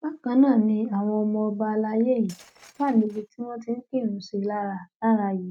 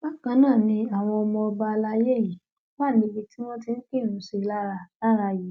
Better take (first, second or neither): second